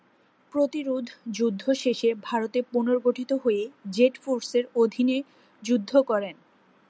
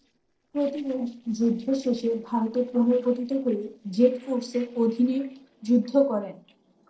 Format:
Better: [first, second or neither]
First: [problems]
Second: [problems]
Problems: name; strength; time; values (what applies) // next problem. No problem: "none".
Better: first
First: none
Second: noise reduction (neural separator model SepFormer DNS4)